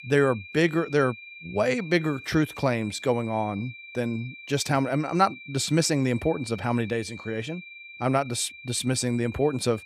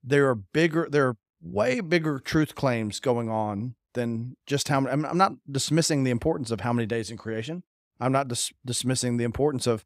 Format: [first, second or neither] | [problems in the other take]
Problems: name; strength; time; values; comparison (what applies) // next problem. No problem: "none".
second | high-pitched whine; noticeable; throughout; 2.5 kHz, 15 dB below the speech